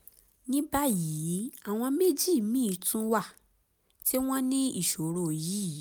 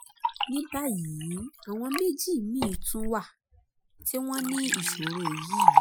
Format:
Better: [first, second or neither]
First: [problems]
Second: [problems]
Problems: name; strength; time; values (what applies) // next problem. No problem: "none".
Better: first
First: none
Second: noise reduction (classical method Wiener filter)